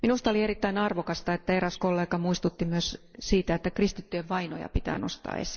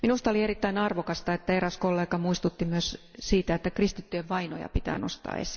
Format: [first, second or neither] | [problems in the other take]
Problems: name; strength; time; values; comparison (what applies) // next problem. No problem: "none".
second | noise reduction (neural mask model Resemble Enhance denoiser)